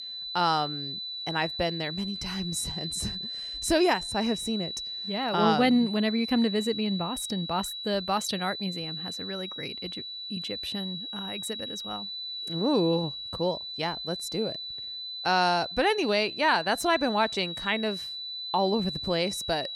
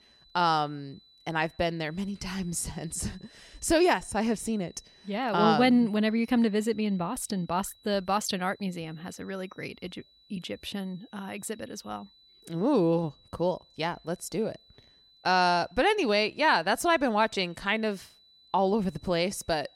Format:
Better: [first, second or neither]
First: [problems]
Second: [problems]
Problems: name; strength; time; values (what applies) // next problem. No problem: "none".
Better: second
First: high-pitched whine; loud; throughout; 4 kHz, 6 dB below the speech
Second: high-pitched whine; faint; throughout; 4 kHz, 30 dB below the speech